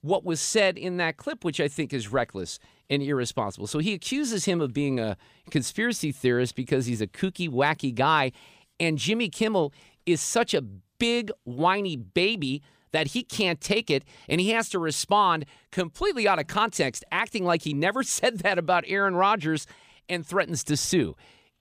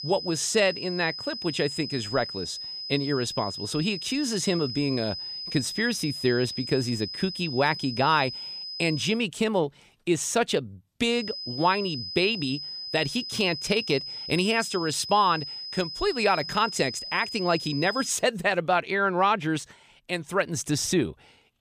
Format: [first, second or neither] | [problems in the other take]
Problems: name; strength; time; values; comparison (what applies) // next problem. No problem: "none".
first | high-pitched whine; loud; until 9 s and from 11 to 18 s; 5 kHz, 7 dB below the speech